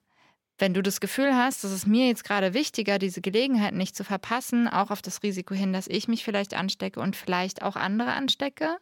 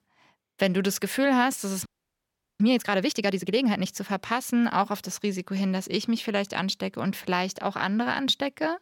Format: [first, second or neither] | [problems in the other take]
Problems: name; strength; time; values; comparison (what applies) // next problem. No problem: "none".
first | audio freezing; at 2 s for 0.5 s